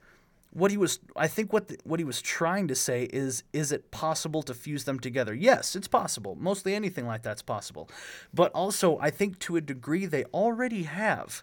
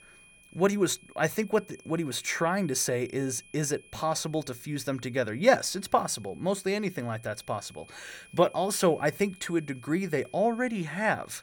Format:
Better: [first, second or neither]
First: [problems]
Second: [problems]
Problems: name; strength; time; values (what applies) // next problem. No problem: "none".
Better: first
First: none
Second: high-pitched whine; faint; throughout; 2.5 kHz, 25 dB below the speech